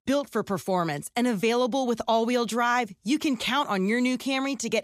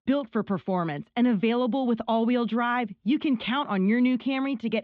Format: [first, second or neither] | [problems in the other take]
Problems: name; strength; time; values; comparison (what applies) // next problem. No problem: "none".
first | muffled; very; fading above 3.5 kHz